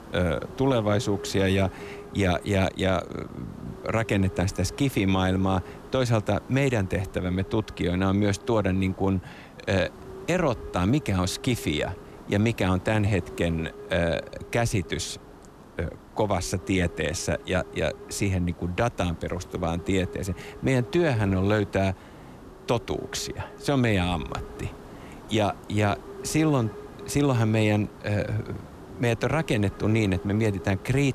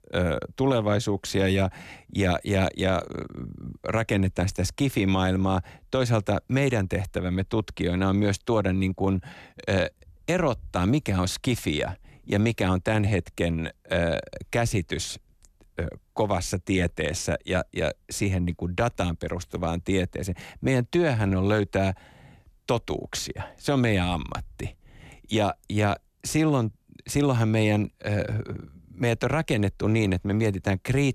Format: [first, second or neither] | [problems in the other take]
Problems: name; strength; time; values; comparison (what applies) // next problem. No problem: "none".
second | hiss; noticeable; throughout; 15 dB below the speech